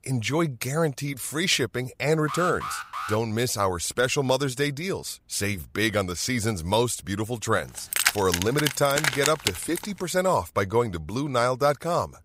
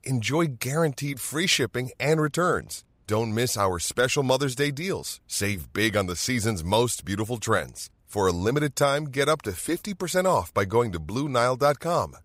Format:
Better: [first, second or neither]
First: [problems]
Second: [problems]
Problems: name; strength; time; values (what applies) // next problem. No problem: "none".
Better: second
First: alarm; noticeable; at 2.5 s; peak 7 dB below the speech // jangling keys; loud; from 8 to 10 s; peak 3 dB above the speech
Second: none